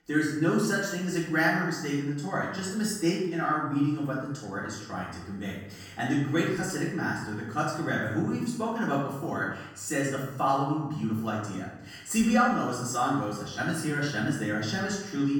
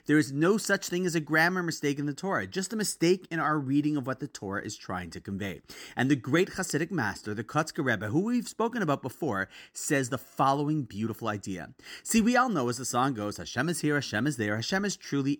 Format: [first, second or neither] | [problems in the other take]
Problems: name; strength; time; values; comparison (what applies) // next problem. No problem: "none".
second | off-mic speech; far // room echo; noticeable; dies away in 0.8 s